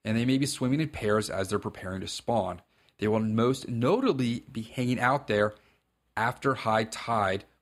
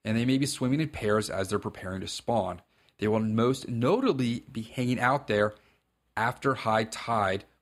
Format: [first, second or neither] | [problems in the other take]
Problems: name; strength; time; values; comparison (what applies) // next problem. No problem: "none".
neither | none